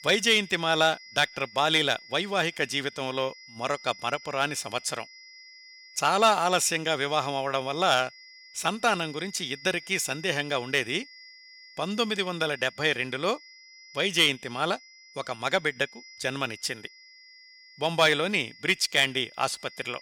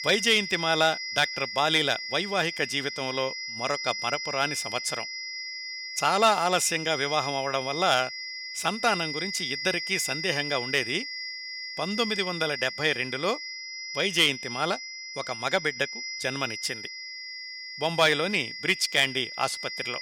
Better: first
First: high-pitched whine; faint; throughout; 2 kHz, 20 dB below the speech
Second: high-pitched whine; loud; throughout; 2 kHz, 7 dB below the speech

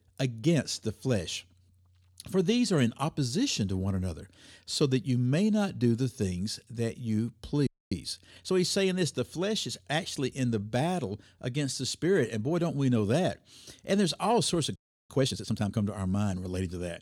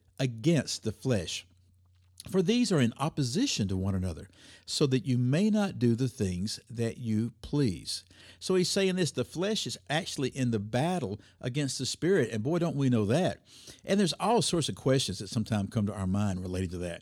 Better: second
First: audio freezing; at 7.5 s and at 15 s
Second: none

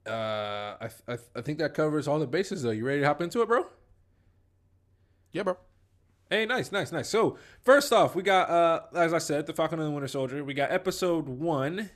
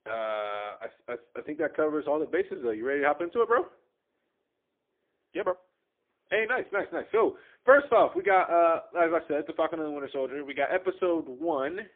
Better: first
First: none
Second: phone-call audio; poor line

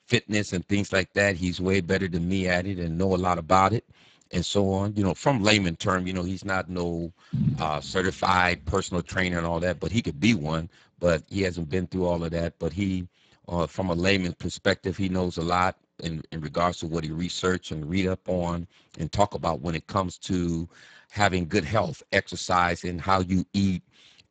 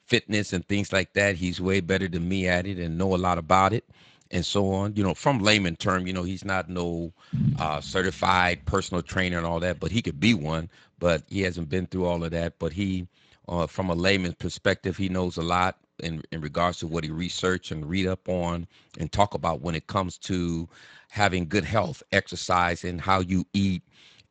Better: second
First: garbled, watery; badly; nothing above 7.5 kHz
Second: garbled, watery; slightly; nothing above 7.5 kHz

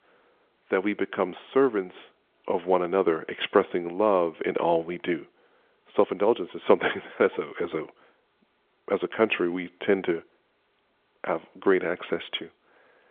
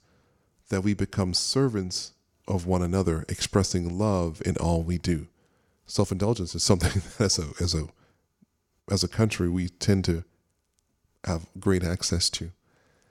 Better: second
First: phone-call audio; nothing above 3.5 kHz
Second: none

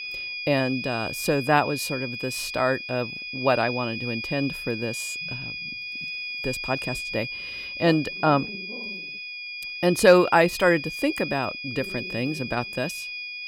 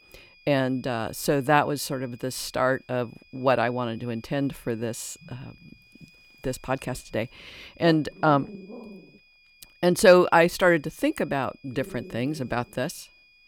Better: second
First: high-pitched whine; loud; throughout; 2.5 kHz, 7 dB below the speech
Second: high-pitched whine; faint; throughout; 2.5 kHz, 30 dB below the speech

